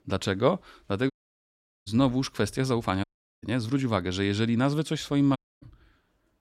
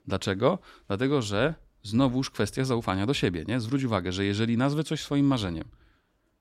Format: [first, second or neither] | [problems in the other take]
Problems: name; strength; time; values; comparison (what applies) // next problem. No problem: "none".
second | audio cutting out; at 1 s for 1 s, at 3 s and at 5.5 s